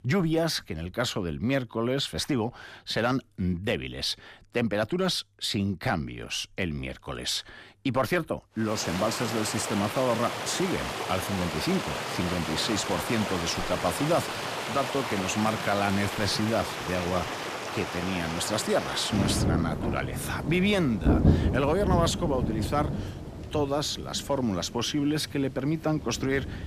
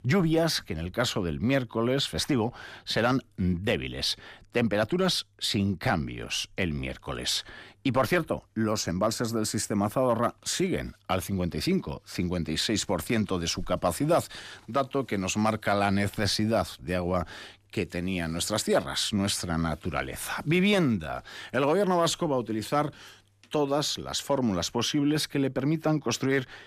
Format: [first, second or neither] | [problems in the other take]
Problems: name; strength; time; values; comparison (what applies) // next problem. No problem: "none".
second | rain or running water; loud; from 8.5 s on; 2 dB below the speech